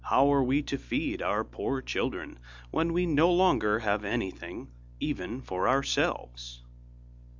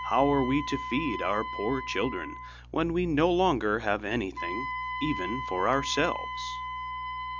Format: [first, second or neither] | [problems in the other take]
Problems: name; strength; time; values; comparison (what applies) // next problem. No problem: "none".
first | background sound (Wind instrument, woodwind instrument); 7 dB below the speech